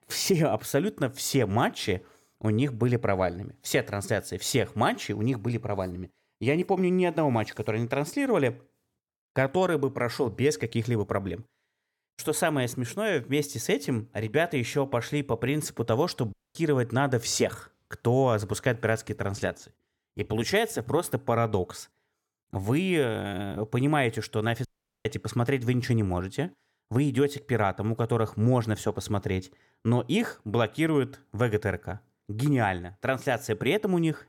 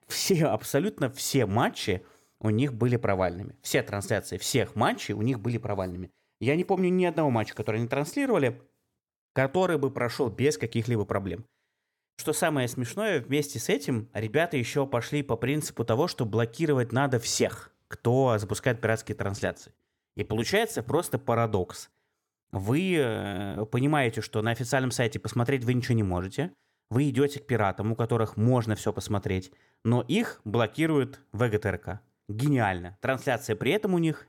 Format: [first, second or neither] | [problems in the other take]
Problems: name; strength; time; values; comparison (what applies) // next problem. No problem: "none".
second | audio cutting out; at 16 s and at 25 s